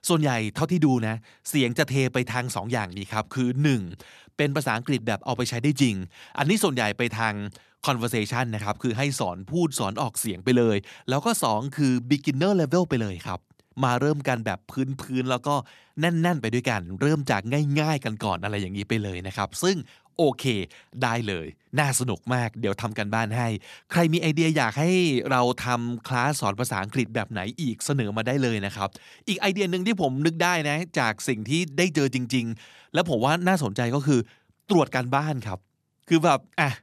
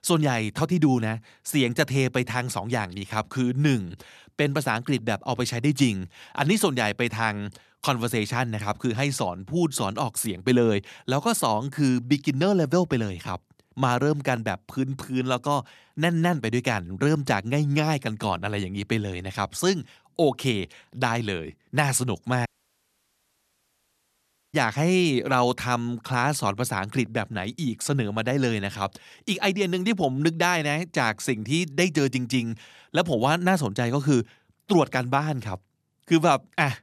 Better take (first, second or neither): first